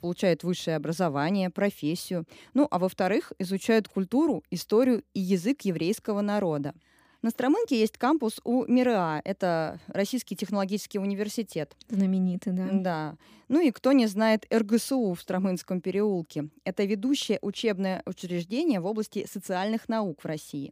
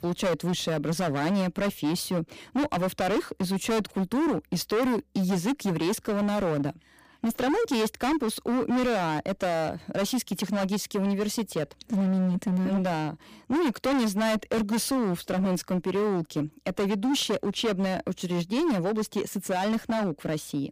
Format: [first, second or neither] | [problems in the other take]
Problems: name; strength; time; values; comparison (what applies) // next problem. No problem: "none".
first | distortion; heavy; 23% of the sound clipped